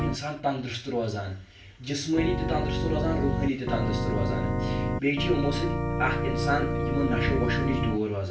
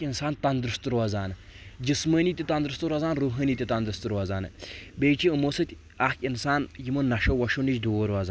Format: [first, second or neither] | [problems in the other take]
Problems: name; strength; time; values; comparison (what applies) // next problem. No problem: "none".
second | background sound (Organ); 1 dB above the speech // room echo; dies away in 0.4 s